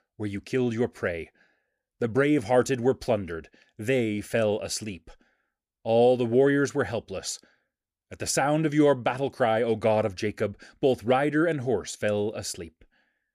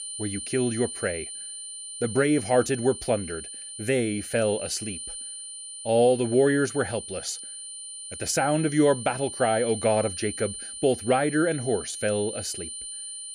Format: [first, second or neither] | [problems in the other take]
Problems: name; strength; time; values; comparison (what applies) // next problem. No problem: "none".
first | high-pitched whine; loud; throughout; 9 kHz, 9 dB below the speech